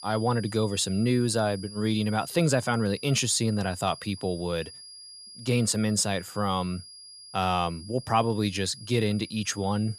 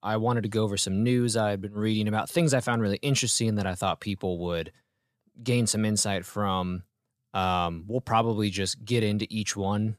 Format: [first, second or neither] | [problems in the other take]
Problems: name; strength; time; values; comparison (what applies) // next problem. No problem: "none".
second | high-pitched whine; noticeable; throughout; 5 kHz, 15 dB below the speech